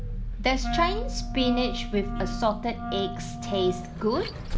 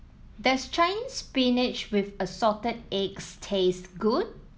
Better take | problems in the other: second | background sound (Wind instrument, woodwind instrument + Vehicle); 2 dB below the speech

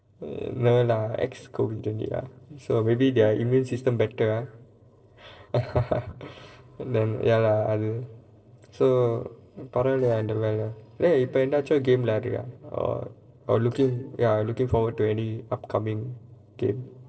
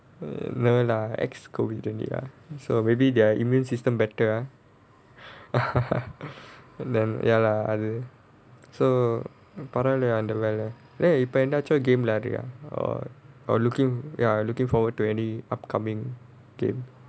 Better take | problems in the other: second | noise reduction (neural separator model SepFormer DNS4)

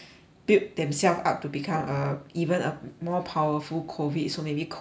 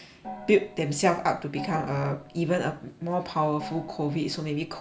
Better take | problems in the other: first | background sound (Gong); 16 dB below the speech

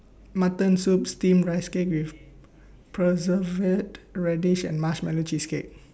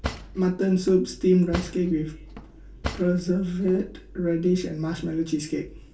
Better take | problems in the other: first | background sound (Cutlery, silverware / Drawer open or close); 12 dB below the speech // room echo; dies away in 0.2 s

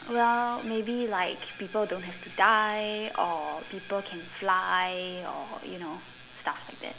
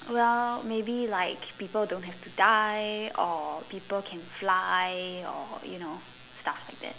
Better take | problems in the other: second | background sound (Screech); 18 dB below the speech

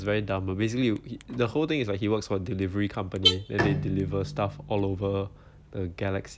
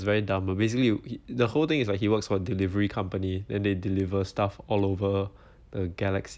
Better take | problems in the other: second | background sound (Alarm / Car + Bowed string instrument); 6 dB below the speech

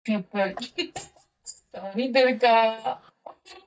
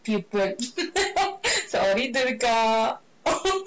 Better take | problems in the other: second | noise reduction (neural mask model DeepFilterNet 3)

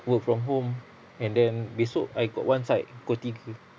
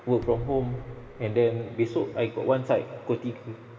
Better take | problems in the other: first | background sound (Bass drum); 16 dB below the speech // room echo; dies away in 2.5 s

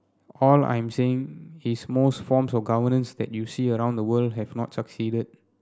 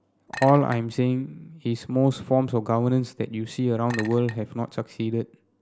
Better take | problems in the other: first | background sound (Chink, clink); 16 dB below the speech

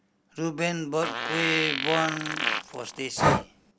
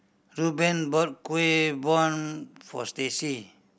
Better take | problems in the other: second | background sound (Fart + Breathing); 1 dB above the speech

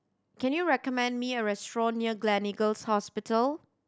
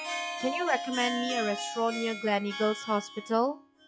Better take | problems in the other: first | noise reduction (classical method log-MMSE)

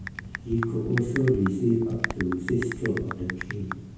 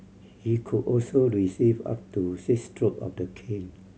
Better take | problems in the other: second | background sound (Typing); 9 dB below the speech // room echo; dies away in 0.6 s

